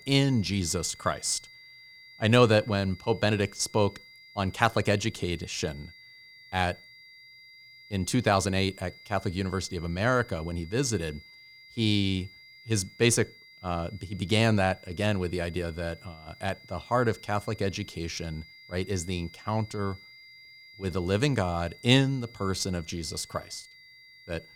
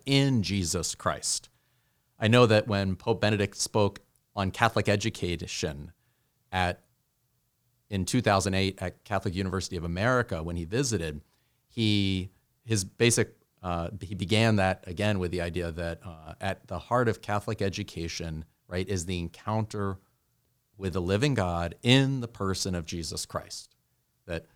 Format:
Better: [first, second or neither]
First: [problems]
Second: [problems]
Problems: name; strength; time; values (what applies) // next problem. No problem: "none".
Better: second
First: high-pitched whine; faint; throughout; 2 kHz, 20 dB below the speech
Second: none